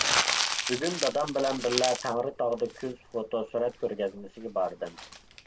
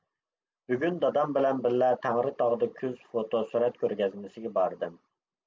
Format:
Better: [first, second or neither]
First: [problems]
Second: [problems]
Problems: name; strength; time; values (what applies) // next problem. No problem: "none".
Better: second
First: background sound (Crumpling, crinkling); 3 dB below the speech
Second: none